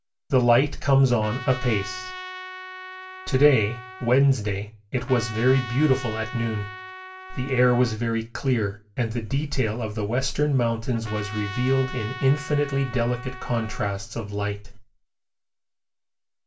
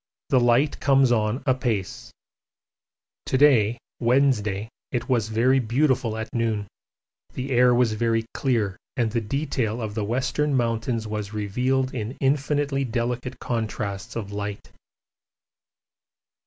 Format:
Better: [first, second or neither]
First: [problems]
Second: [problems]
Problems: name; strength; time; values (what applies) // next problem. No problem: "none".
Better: second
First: background sound (Trumpet); 14 dB below the speech // room echo; dies away in 0.2 s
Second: none